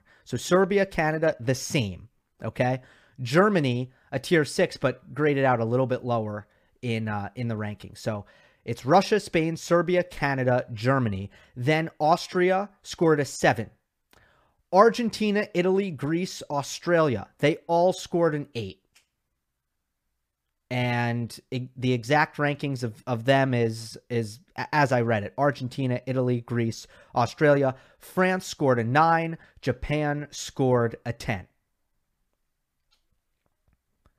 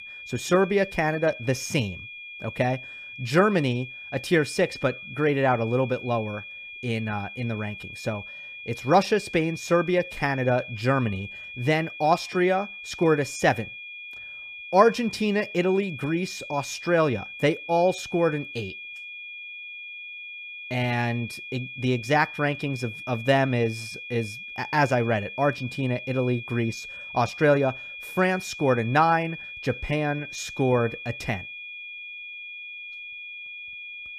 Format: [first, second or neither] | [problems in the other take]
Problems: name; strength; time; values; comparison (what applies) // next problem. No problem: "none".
first | high-pitched whine; noticeable; throughout; 2.5 kHz, 10 dB below the speech